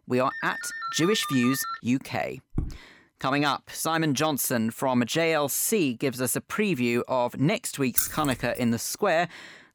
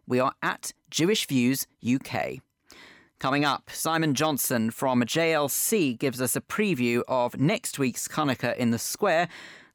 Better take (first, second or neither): second